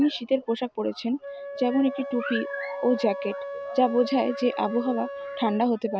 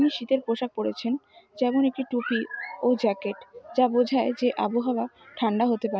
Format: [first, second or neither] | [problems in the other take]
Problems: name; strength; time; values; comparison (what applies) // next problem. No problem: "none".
second | background sound (Wind instrument, woodwind instrument); 10 dB below the speech